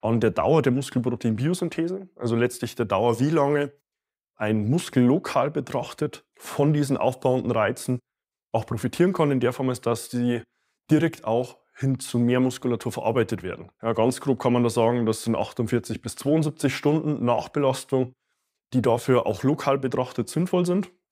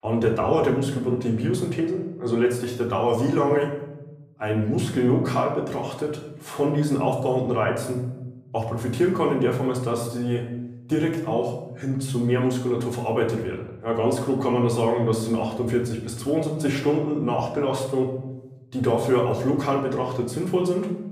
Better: first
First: none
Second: room echo; noticeable; dies away in 0.8 s // off-mic speech; far

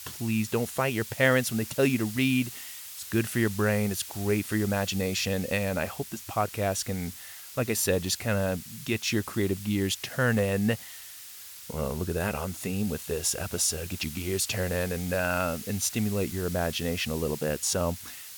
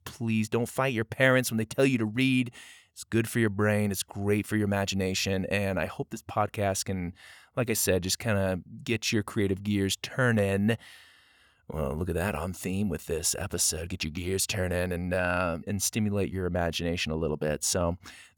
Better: second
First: hiss; noticeable; throughout; 10 dB below the speech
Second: none

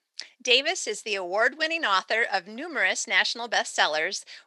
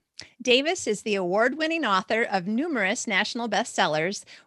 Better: second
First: thin; somewhat; fading below 500 Hz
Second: none

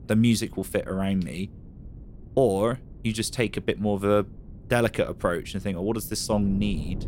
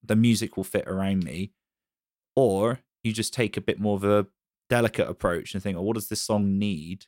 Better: second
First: wind noise on the microphone; occasional gusts; 25 dB below the speech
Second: none

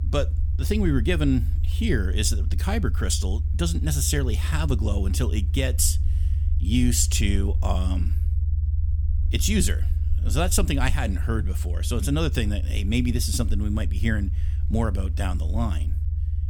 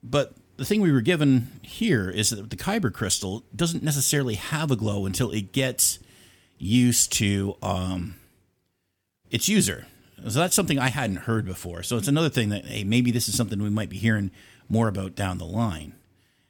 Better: second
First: low rumble; noticeable; throughout; 15 dB below the speech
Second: none

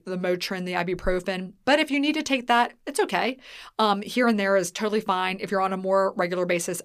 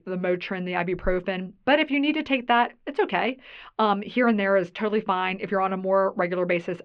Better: first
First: none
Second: muffled; very; fading above 3 kHz

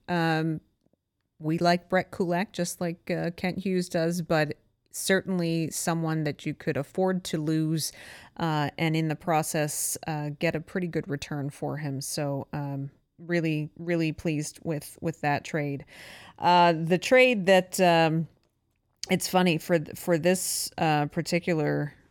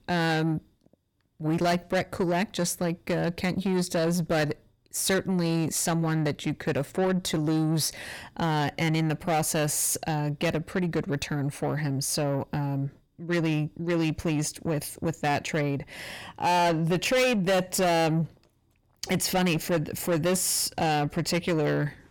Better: first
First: none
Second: distortion; heavy; 7 dB below the speech

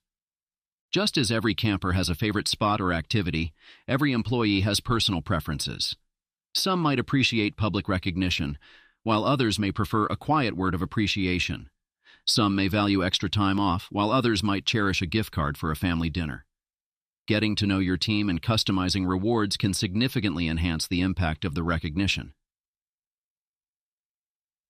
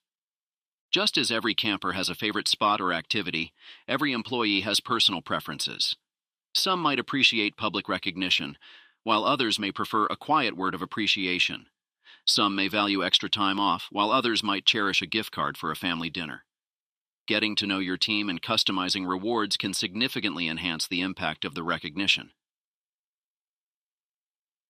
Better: first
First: none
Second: thin; somewhat; fading below 250 Hz

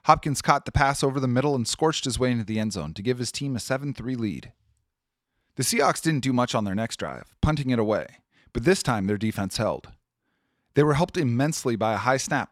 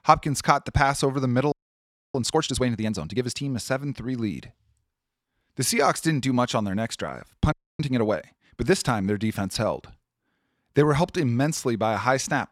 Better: first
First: none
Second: audio freezing; at 1.5 s for 0.5 s and at 7.5 s

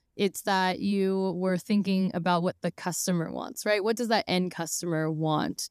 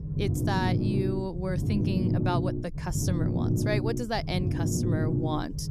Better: first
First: none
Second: low rumble; loud; throughout; 3 dB below the speech

